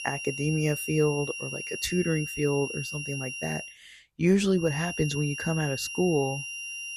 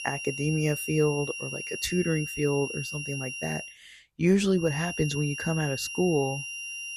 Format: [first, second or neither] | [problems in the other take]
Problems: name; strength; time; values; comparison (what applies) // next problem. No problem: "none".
neither | high-pitched whine; loud; until 3.5 s and from 4.5 s on; 3 kHz, 6 dB below the speech; the same in both